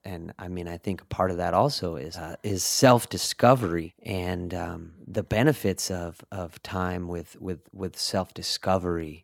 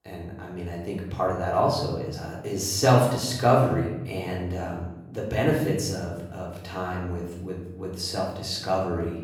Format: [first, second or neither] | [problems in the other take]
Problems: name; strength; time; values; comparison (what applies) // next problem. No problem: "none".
first | off-mic speech; far // room echo; noticeable; dies away in 1 s